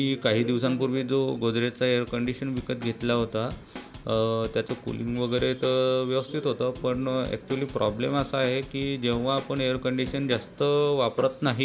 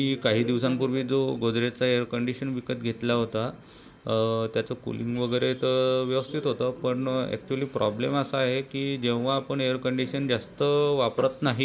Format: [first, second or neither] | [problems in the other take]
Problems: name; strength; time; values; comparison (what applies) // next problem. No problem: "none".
second | background sound (Drum / Drum kit); 17 dB below the speech